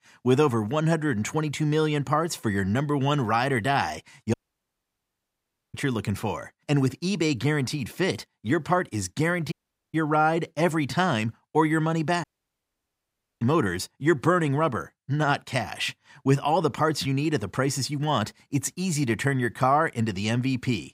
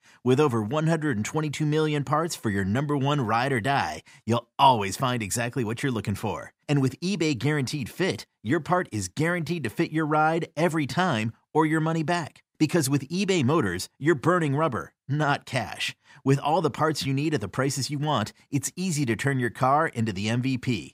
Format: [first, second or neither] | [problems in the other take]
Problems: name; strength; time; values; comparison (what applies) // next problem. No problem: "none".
second | audio cutting out; at 4.5 s for 1.5 s, at 9.5 s and at 12 s for 1 s